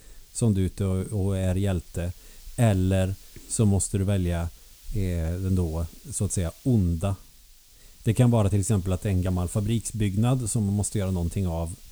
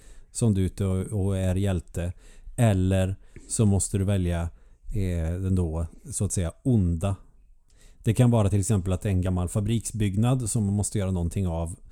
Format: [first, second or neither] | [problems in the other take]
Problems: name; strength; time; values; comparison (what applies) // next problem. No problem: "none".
second | hiss; faint; throughout; 25 dB below the speech